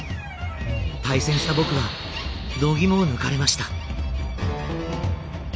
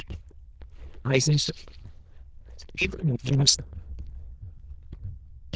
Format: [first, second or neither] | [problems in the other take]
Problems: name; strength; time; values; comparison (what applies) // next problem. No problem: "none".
first | noise reduction (neural diffusion model UNIVERSE++)